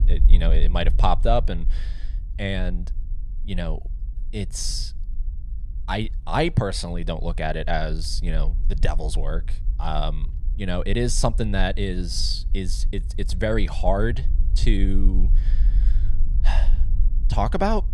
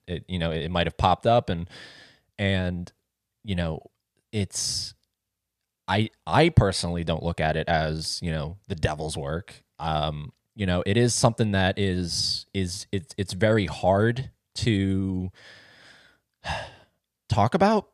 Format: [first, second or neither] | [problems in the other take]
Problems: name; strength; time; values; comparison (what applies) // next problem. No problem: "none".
second | low rumble; faint; throughout; 20 dB below the speech